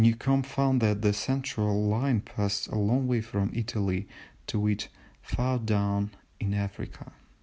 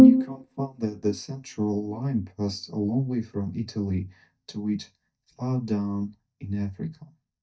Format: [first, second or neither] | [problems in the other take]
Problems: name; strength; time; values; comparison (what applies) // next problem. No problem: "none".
first | noise reduction (neural mask model DeepFilterNet 3)